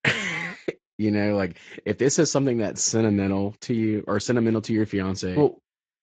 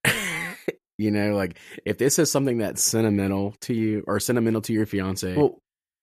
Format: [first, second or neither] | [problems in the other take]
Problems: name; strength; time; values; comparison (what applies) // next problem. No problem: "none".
second | garbled, watery; slightly; nothing above 7.5 kHz